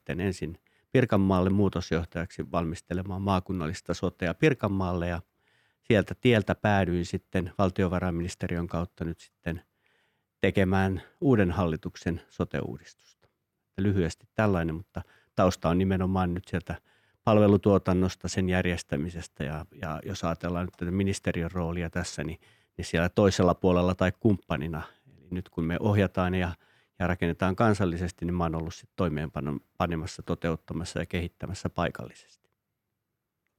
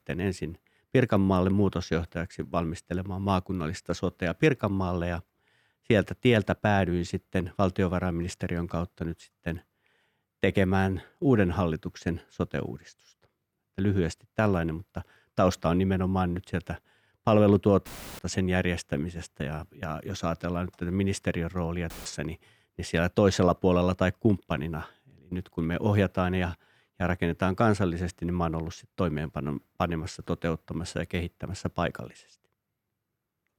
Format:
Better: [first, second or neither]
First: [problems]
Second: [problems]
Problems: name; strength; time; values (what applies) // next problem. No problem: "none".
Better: first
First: none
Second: audio cutting out; filled with static; at 18 s and at 22 s